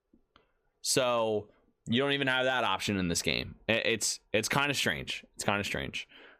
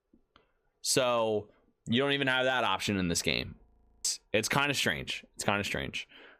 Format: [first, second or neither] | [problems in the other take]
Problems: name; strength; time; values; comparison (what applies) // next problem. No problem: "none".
first | audio freezing; at 3.5 s